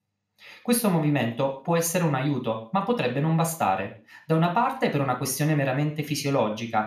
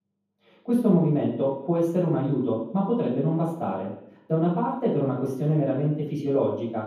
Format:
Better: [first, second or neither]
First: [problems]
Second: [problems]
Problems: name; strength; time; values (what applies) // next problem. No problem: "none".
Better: first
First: room echo; slight; dies away in 0.4 s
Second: room echo; strong; dies away in 0.9 s // off-mic speech; far